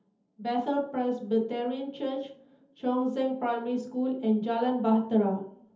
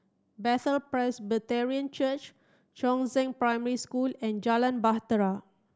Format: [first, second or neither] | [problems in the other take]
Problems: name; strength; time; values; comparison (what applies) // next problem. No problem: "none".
second | room echo; dies away in 0.7 s